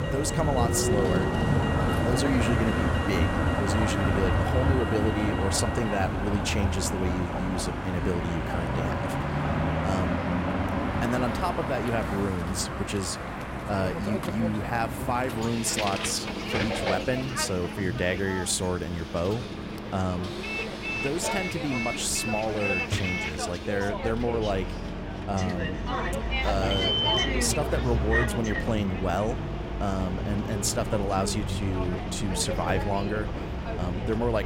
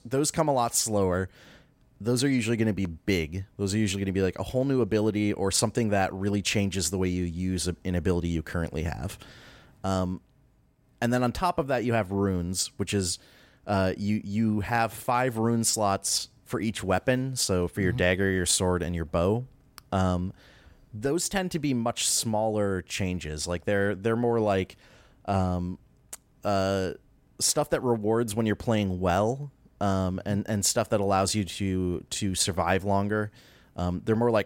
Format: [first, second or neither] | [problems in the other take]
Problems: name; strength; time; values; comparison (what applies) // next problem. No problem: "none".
second | traffic noise; very loud; throughout; 1 dB above the speech